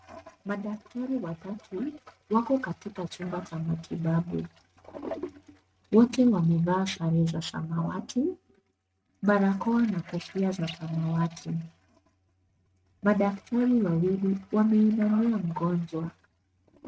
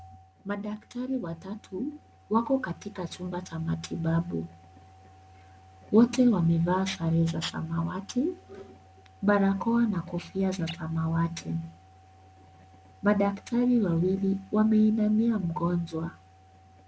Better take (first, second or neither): second